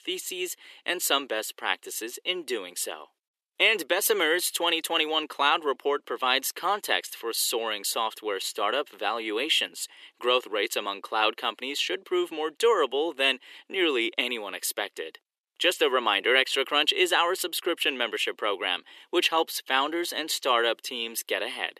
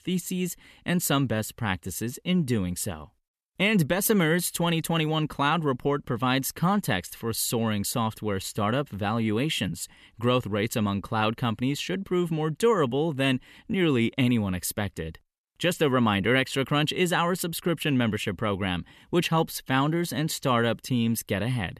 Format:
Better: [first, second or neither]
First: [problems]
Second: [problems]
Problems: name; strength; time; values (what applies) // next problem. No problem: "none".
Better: second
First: thin; very; fading below 350 Hz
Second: none